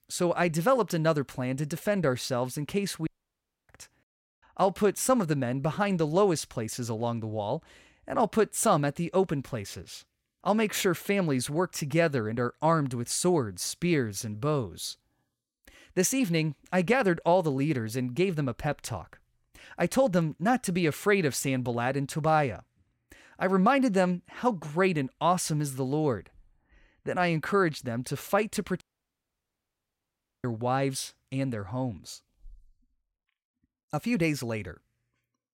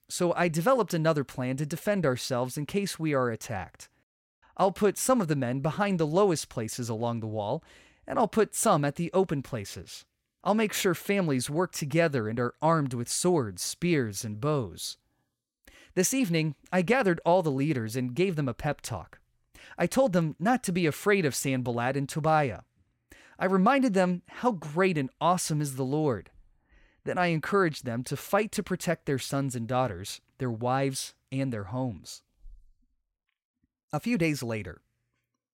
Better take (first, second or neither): second